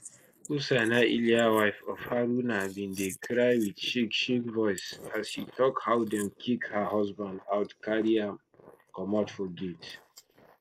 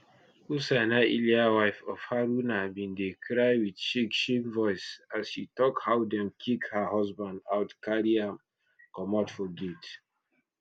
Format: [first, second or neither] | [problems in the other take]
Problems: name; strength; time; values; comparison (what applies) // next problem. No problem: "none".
second | noise reduction (neural mask model Resemble Enhance denoiser)